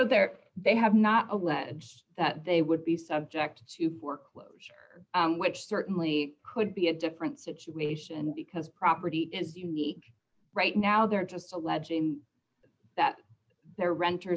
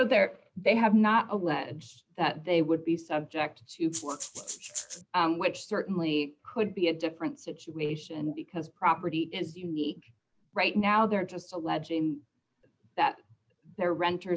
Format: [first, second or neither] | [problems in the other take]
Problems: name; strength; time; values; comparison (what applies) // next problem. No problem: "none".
first | background sound (Rattle (instrument)); 10 dB below the speech